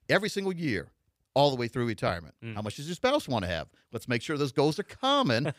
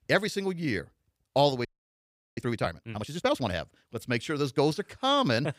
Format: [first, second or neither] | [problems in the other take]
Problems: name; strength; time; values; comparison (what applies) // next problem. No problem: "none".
first | audio freezing; at 1.5 s for 0.5 s